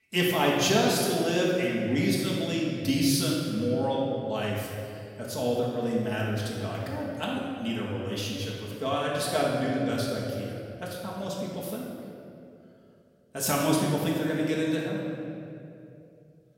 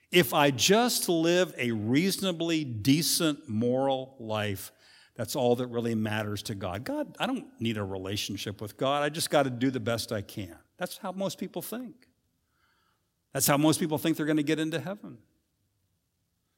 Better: second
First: off-mic speech; far // room echo; strong; dies away in 2.2 s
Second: none

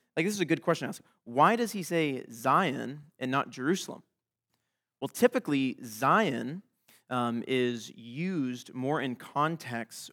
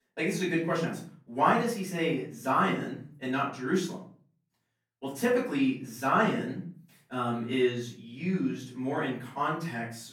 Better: first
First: none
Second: room echo; slight; dies away in 0.4 s // off-mic speech; far

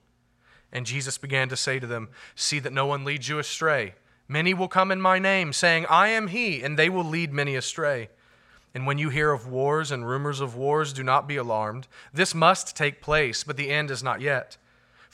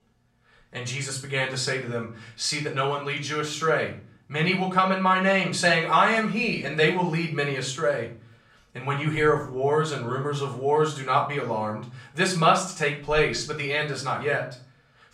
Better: first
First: none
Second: off-mic speech; far // room echo; slight; dies away in 0.4 s

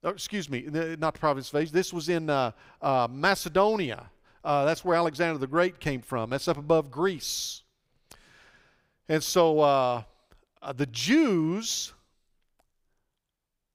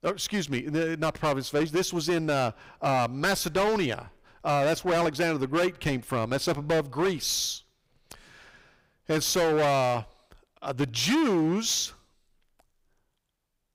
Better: first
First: none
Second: distortion; heavy; 13% of the sound clipped

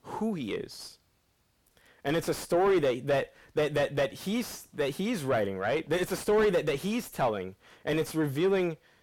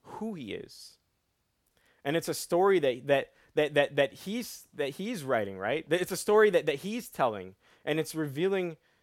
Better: second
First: distortion; heavy; 7 dB below the speech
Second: none

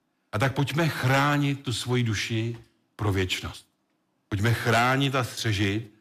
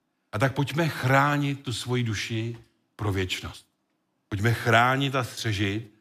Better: second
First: distortion; slight; 4% of the sound clipped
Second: none

